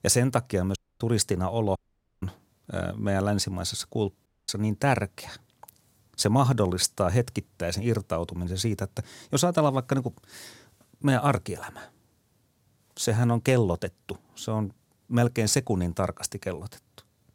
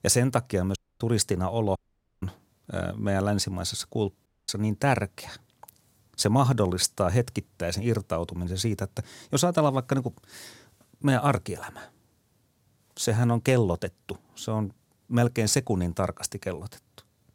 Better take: neither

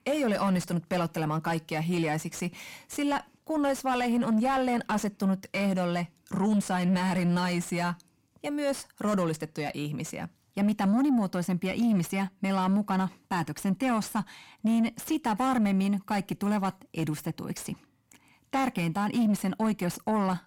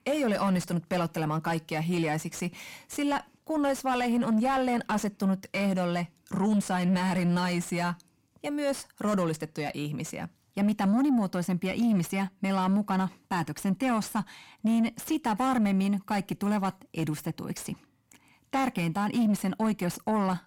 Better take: neither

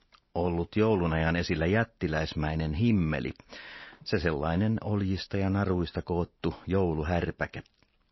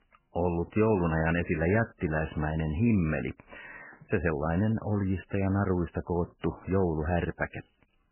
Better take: first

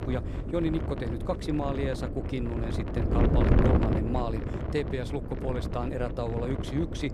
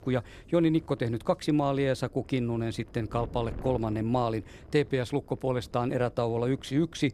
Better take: second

